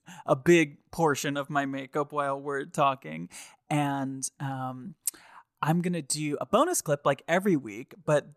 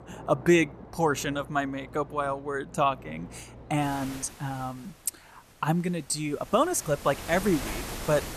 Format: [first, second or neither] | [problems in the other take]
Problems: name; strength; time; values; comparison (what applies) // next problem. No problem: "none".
first | rain or running water; noticeable; throughout; 15 dB below the speech